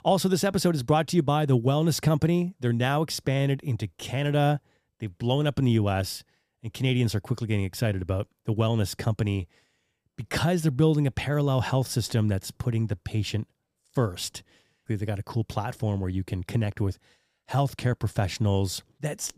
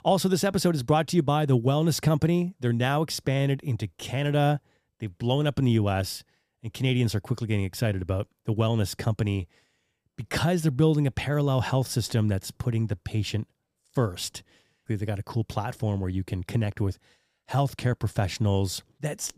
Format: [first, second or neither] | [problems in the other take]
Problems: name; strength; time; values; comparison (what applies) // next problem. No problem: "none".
neither | none